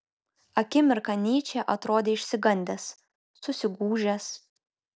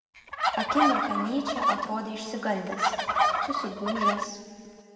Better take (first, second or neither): first